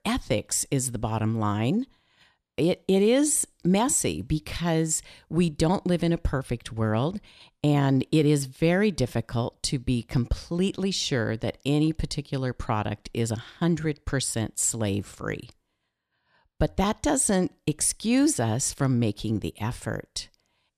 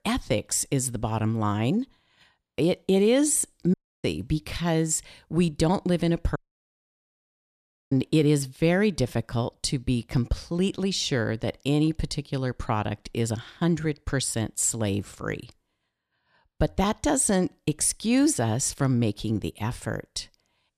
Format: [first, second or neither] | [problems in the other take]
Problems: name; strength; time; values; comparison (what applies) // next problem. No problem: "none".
first | audio cutting out; at 3.5 s and at 6.5 s for 1.5 s